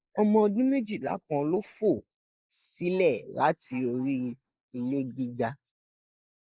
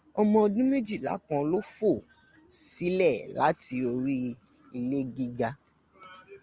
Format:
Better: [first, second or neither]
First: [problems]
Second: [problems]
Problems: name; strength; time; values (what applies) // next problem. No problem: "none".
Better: second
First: noise reduction (neural mask model Resemble Enhance denoiser)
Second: none